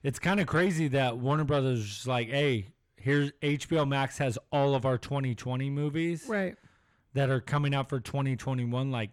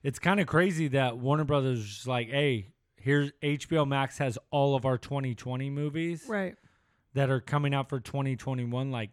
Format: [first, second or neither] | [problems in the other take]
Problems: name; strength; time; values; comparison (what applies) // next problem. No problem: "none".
second | distortion; slight; 10 dB below the speech